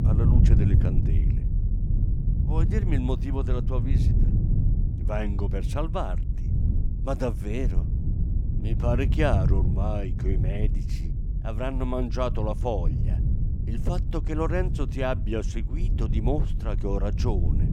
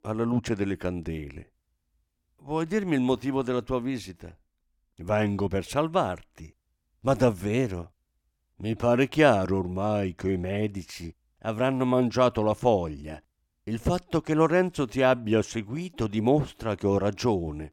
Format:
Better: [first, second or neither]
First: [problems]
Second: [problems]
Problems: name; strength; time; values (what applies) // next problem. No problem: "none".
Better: second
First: low rumble; loud; throughout; 8 dB below the speech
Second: none